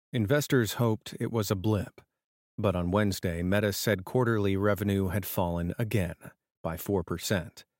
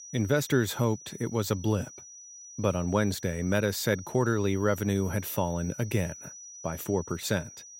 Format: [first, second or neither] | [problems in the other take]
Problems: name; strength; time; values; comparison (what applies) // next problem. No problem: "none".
first | high-pitched whine; noticeable; throughout; 6 kHz, 15 dB below the speech